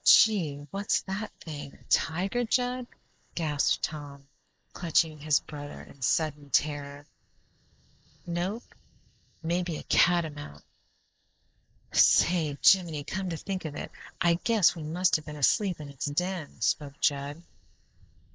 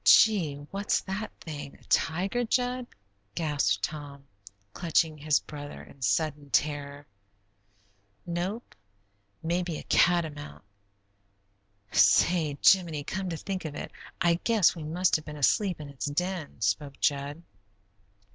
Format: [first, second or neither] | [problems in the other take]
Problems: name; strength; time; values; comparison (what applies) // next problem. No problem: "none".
second | noise reduction (neural mask model Resemble Enhance denoiser)